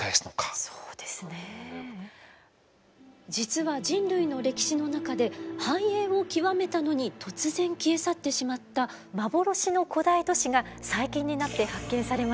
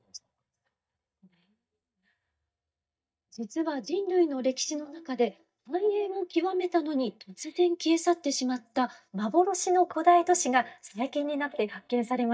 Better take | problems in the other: first | noise reduction (neural mask model DeepFilterNet 3)

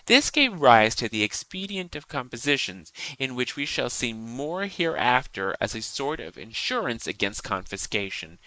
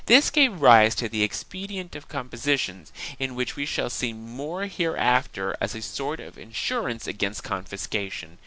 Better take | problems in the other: second | noise reduction (neural mask model Resemble Enhance denoiser)

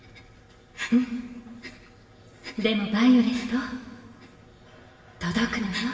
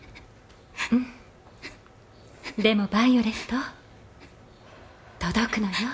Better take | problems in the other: second | room echo; dies away in 1.9 s

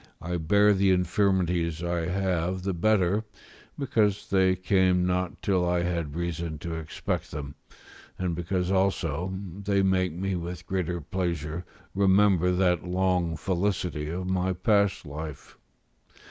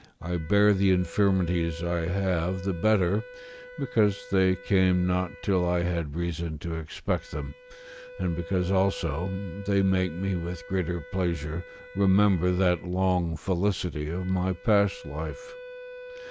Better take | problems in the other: first | background sound (Wind instrument, woodwind instrument); 18 dB below the speech

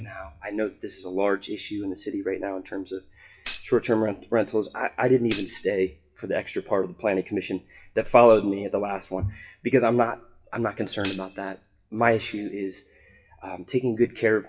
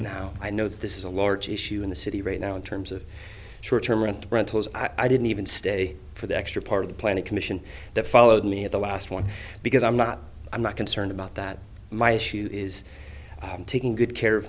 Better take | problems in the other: second | noise reduction (classical method WPE with log-MMSE)

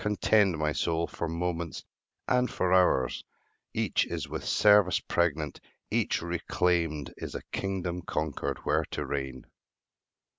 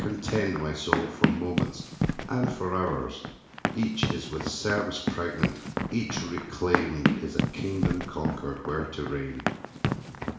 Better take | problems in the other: first | background sound (Run); 1 dB above the speech // room echo; dies away in 0.7 s

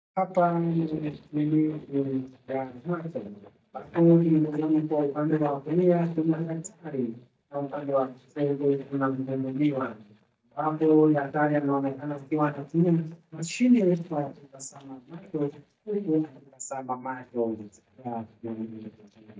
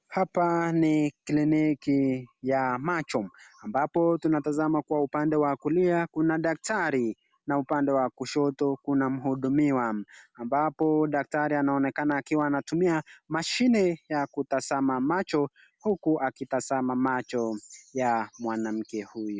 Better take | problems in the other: second | noise reduction (neural mask model DeepFilterNet 3)

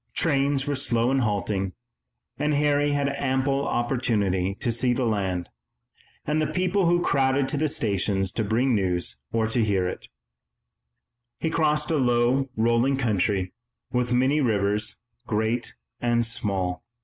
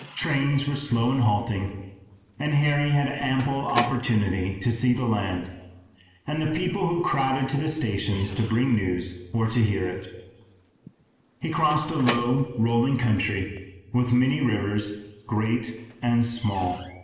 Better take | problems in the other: first | background sound (Squeak / Slam / Wood); 17 dB below the speech // room echo; dies away in 1.1 s

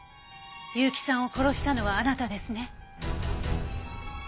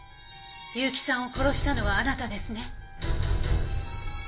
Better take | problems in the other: first | room echo; dies away in 0.2 s

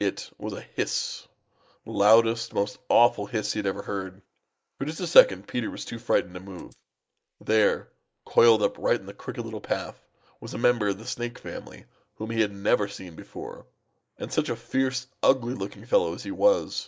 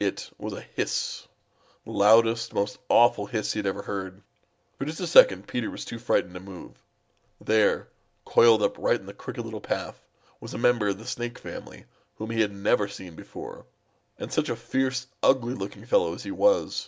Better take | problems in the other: second | noise reduction (neural mask model Resemble Enhance denoiser)

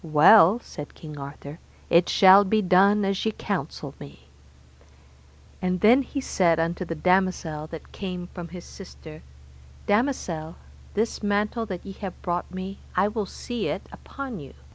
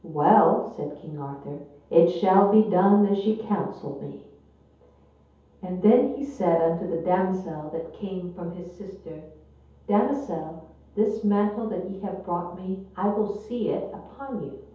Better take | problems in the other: first | room echo; dies away in 0.7 s

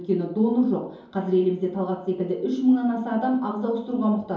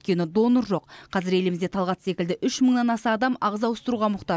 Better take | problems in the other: second | room echo; dies away in 2.8 s

